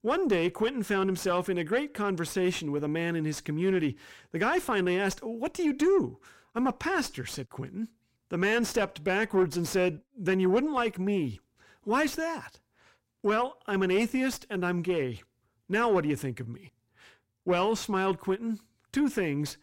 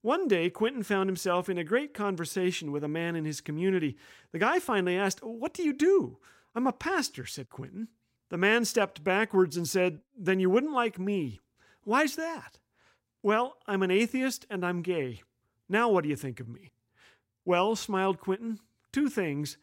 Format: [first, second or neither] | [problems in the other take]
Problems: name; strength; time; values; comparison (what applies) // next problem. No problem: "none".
second | distortion; slight; 10 dB below the speech